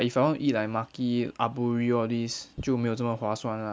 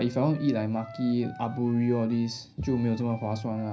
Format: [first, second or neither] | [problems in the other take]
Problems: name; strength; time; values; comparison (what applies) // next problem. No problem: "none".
first | background sound (Wind instrument, woodwind instrument); 20 dB below the speech // room echo; dies away in 0.5 s